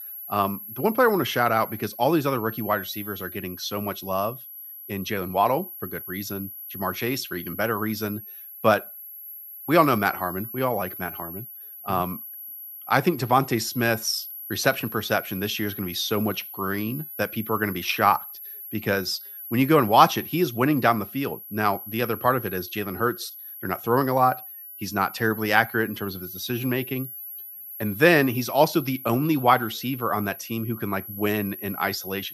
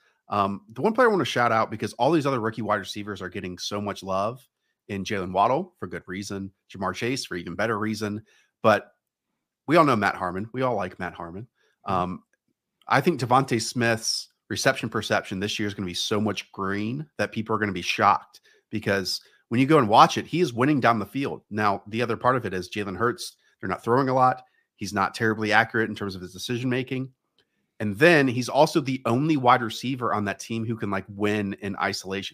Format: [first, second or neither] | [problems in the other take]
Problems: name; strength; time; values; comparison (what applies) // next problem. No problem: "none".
second | high-pitched whine; noticeable; throughout; 11.5 kHz, 10 dB below the speech